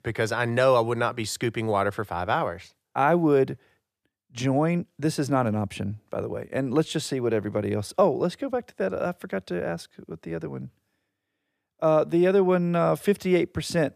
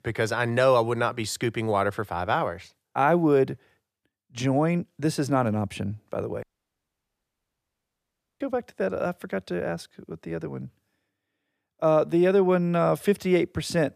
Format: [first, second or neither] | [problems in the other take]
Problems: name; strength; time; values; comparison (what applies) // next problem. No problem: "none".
first | audio cutting out; at 6.5 s for 2 s